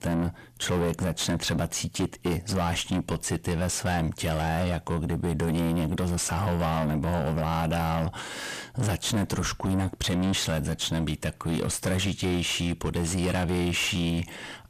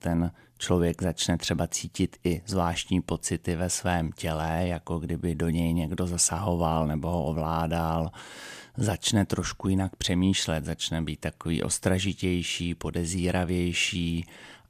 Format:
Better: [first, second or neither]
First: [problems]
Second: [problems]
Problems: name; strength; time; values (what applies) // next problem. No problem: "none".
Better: second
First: distortion; heavy; 6 dB below the speech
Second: none